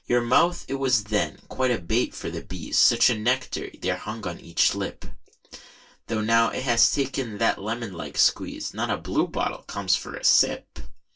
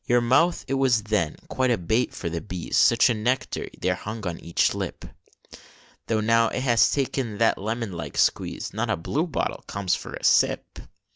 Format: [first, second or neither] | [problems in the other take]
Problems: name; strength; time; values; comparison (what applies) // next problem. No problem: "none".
second | room echo; dies away in 0.1 s